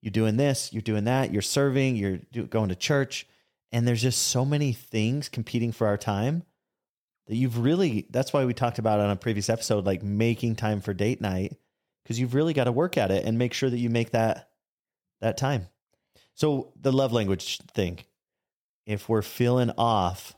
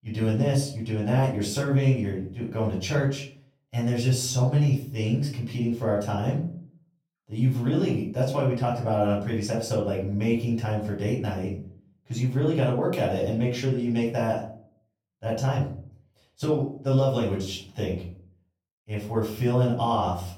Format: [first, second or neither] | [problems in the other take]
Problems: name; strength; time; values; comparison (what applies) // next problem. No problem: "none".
first | off-mic speech; far // room echo; slight; dies away in 0.5 s